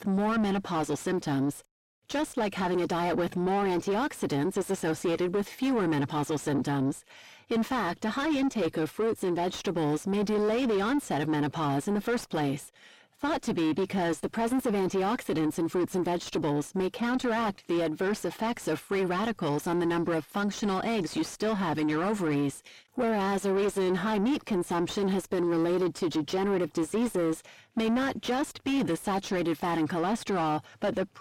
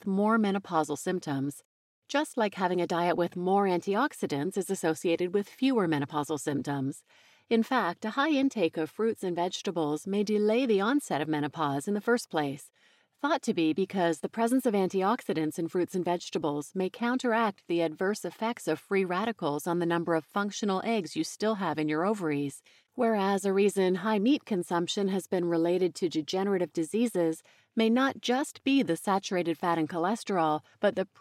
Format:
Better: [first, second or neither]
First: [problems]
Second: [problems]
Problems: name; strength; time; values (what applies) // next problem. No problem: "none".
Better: second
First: distortion; heavy; 7 dB below the speech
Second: none